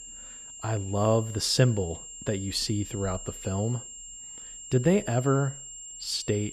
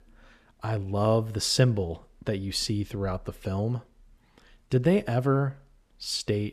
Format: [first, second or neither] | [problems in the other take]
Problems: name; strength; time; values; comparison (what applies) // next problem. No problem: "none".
second | high-pitched whine; noticeable; throughout; 7.5 kHz, 10 dB below the speech